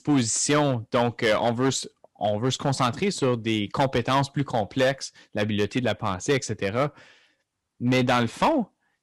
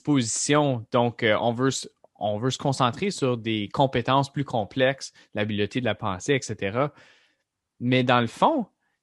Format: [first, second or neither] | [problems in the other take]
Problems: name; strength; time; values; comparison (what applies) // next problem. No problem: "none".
second | distortion; slight; 5% of the sound clipped